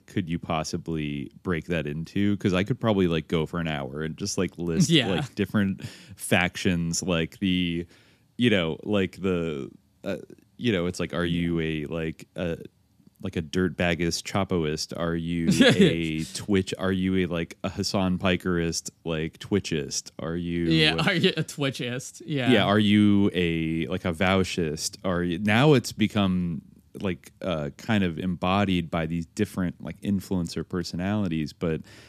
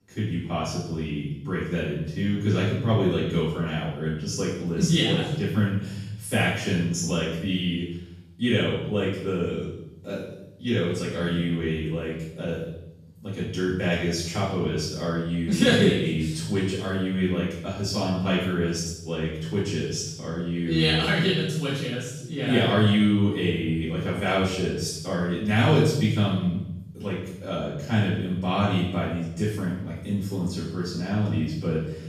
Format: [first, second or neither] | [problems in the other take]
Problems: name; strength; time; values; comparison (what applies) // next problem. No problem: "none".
first | off-mic speech; far // room echo; strong; dies away in 0.8 s